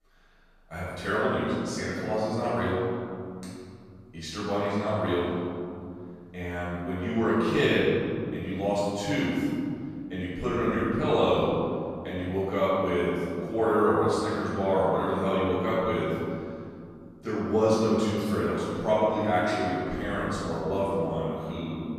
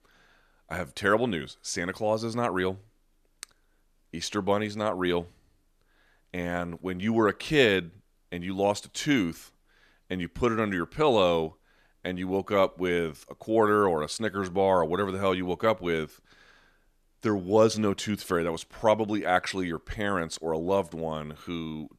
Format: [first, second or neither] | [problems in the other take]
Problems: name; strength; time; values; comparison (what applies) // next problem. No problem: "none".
second | room echo; strong; dies away in 2.9 s // off-mic speech; far